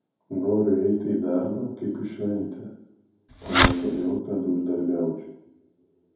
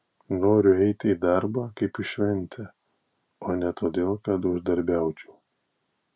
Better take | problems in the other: second | background sound (Fireworks); 3 dB above the speech // room echo; dies away in 0.9 s

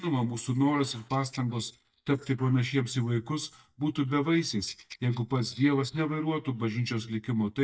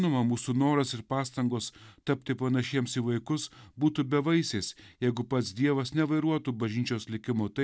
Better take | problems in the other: second | noise reduction (neural mask model DeepFilterNet 3)

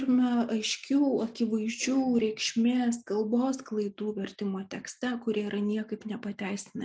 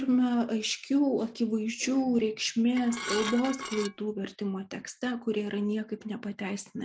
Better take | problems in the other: first | background sound (Dishes, pots, and pans / Glass); 8 dB below the speech

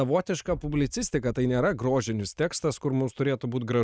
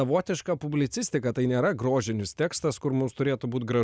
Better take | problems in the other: second | noise reduction (neural mask model RNNoise)

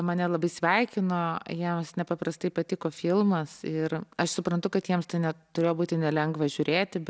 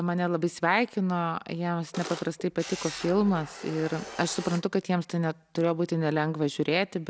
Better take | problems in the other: first | background sound (Camera); 13 dB below the speech

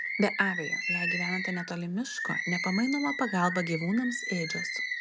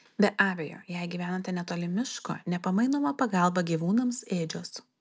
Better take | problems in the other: second | background sound (Bird); 3 dB below the speech

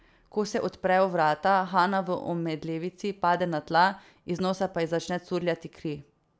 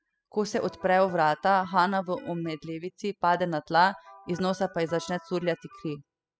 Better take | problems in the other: first | noise reduction (classical method spectral subtraction)

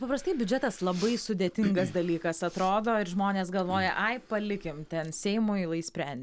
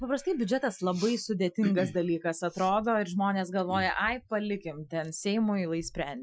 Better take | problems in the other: first | noise reduction (classical method Wiener filter)

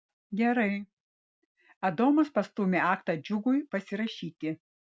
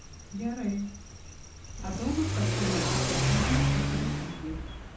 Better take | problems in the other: first | background sound (Accelerating, revving, vroom / Car); 4 dB above the speech // room echo; dies away in 0.6 s

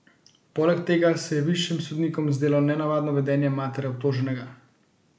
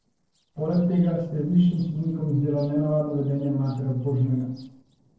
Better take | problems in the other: first | noise reduction (neural separator model SepFormer DNS4)

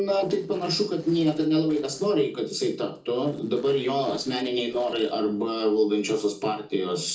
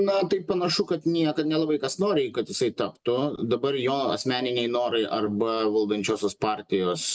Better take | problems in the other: second | noise reduction (neural separator model SepFormer DNS4)

